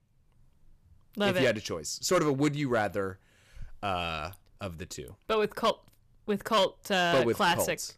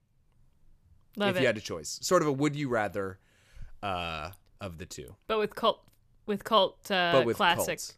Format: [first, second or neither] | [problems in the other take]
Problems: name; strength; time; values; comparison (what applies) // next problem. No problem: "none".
second | distortion; slight; 3% of the sound clipped